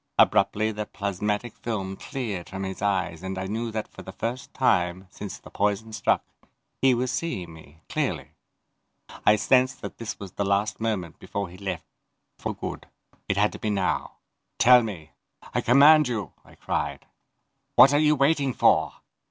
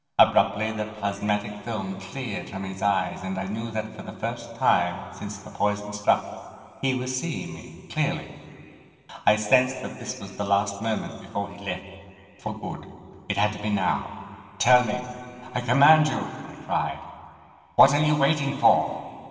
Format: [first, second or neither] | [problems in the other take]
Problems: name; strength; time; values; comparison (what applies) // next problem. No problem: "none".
first | room echo; dies away in 2.3 s